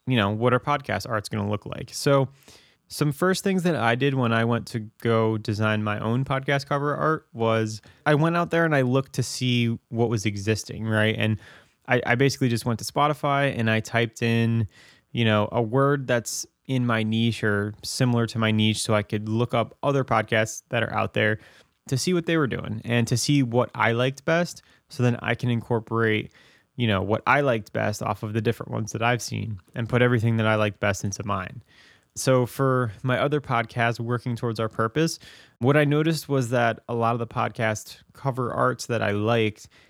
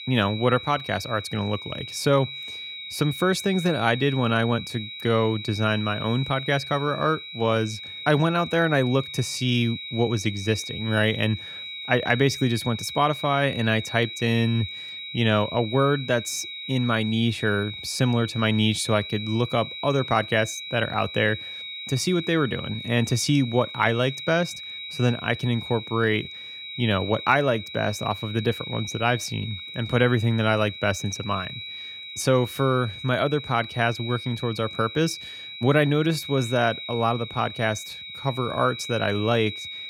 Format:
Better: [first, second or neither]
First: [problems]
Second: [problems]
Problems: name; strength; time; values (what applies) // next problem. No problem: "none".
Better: first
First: none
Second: high-pitched whine; loud; throughout; 4 kHz, 10 dB below the speech